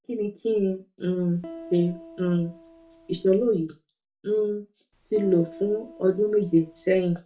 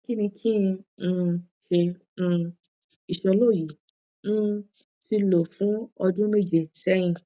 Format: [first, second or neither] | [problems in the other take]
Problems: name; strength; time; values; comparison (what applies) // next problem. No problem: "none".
second | background sound (Piano); 18 dB below the speech // room echo; dies away in 0.2 s